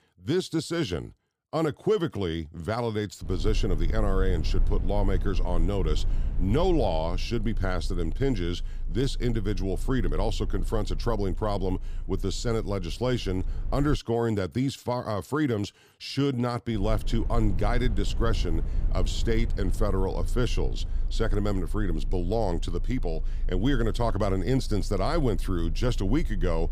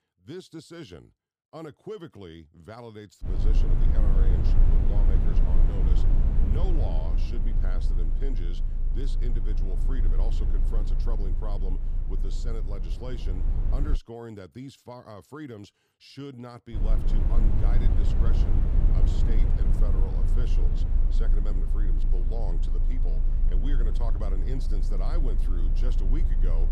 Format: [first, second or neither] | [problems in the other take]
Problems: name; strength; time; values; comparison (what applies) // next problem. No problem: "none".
first | low rumble; loud; from 3 to 14 s and from 17 s on; 1 dB below the speech; faint in the first